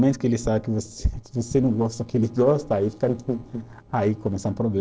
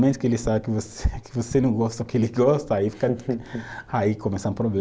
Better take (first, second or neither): second